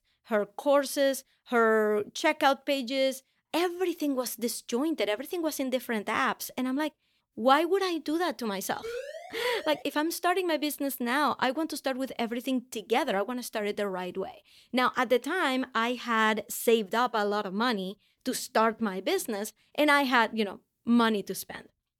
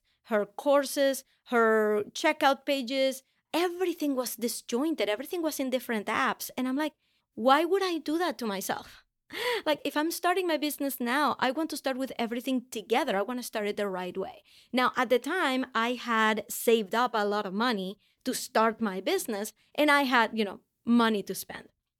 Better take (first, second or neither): second